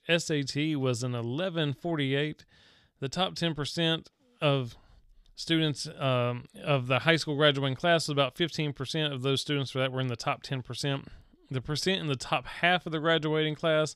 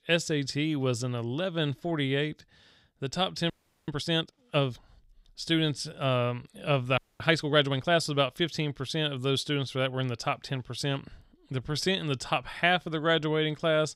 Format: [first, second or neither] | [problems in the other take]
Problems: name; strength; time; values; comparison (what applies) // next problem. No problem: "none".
first | audio freezing; at 3.5 s and at 7 s